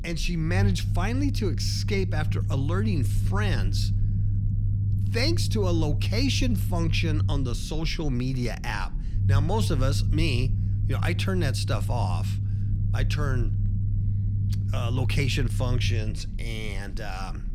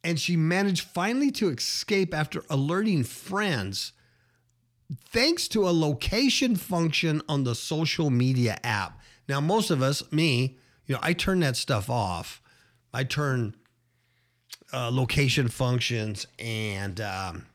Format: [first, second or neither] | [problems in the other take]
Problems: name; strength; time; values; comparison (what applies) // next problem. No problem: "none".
second | low rumble; noticeable; throughout; 10 dB below the speech